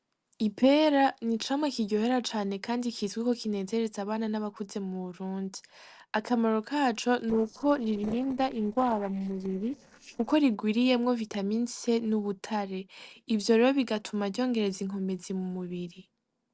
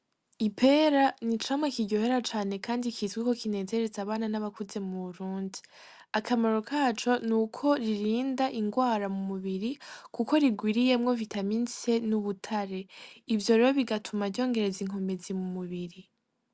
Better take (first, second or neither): second